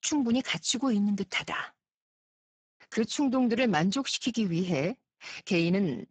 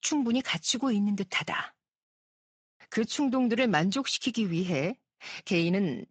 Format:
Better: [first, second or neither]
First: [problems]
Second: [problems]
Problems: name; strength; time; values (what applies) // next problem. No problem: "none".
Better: second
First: garbled, watery; badly; nothing above 7.5 kHz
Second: garbled, watery; slightly; nothing above 7.5 kHz